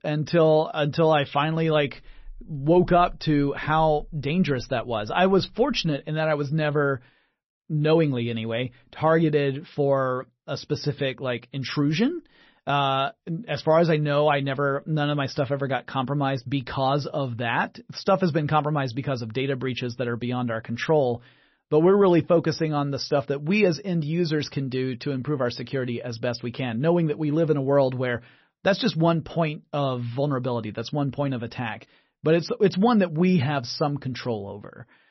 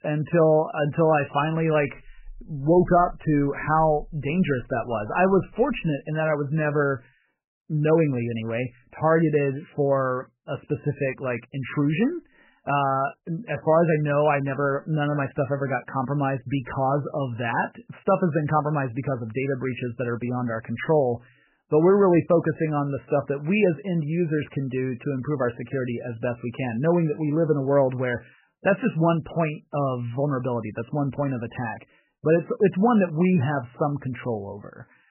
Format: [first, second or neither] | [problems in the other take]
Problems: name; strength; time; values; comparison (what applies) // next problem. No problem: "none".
first | garbled, watery; badly; nothing above 3 kHz; slightly in the first